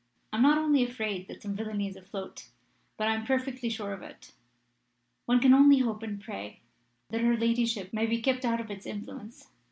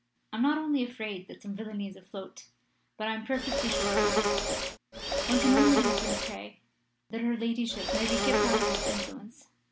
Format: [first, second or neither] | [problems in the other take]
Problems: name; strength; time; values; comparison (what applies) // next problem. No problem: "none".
first | background sound (Insect); 4 dB above the speech